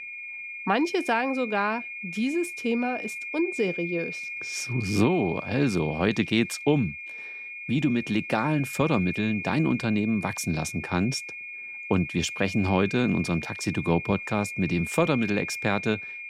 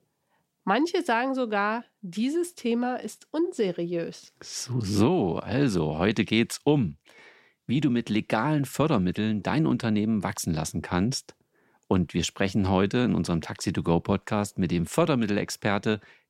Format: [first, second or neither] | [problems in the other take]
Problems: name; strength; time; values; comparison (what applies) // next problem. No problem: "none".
second | high-pitched whine; loud; throughout; 2.5 kHz, 8 dB below the speech